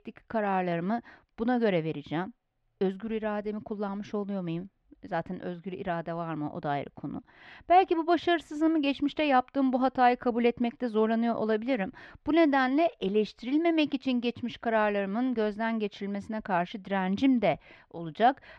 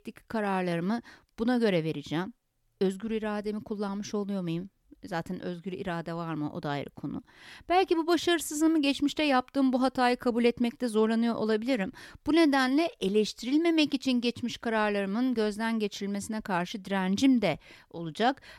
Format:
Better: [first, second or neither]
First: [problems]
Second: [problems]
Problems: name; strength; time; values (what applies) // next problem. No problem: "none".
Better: second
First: muffled; slightly; fading above 2.5 kHz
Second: none